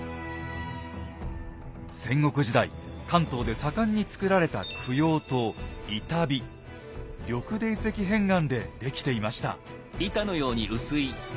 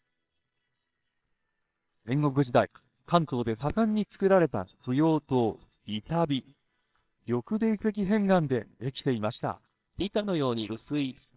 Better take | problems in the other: first | noise reduction (neural separator model SepFormer WHAMR!)

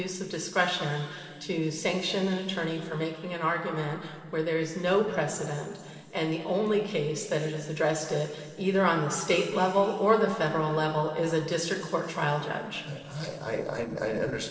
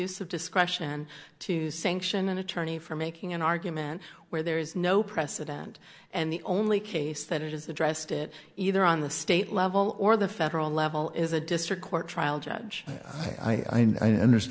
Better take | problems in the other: second | noise reduction (neural separator model SepFormer DNS4)

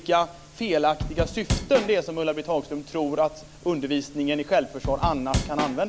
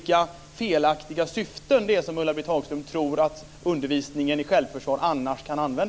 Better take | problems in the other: second | background sound (Drum / Drum kit); 3 dB below the speech

